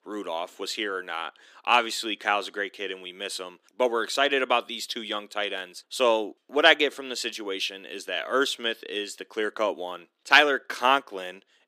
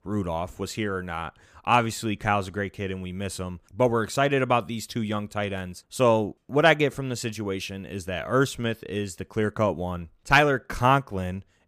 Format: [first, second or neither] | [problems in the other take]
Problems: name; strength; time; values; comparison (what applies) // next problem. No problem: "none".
second | thin; somewhat; fading below 300 Hz